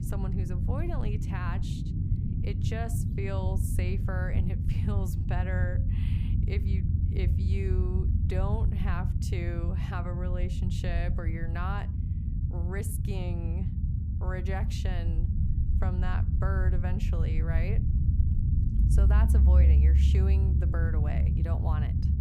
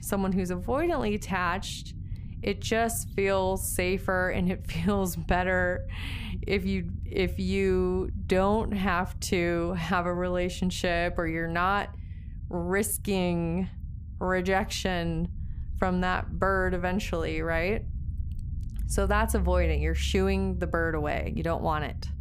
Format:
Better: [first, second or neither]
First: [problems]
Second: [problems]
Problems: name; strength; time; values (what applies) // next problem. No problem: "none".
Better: second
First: low rumble; loud; throughout; 3 dB below the speech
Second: low rumble; faint; throughout; 25 dB below the speech